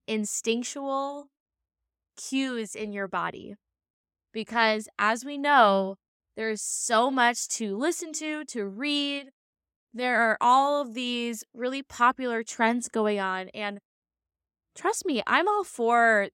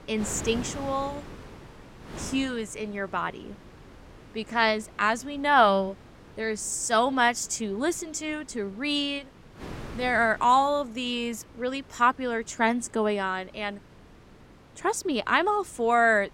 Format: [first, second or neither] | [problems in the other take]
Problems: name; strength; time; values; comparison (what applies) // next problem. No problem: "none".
first | wind noise on the microphone; occasional gusts; 25 dB below the speech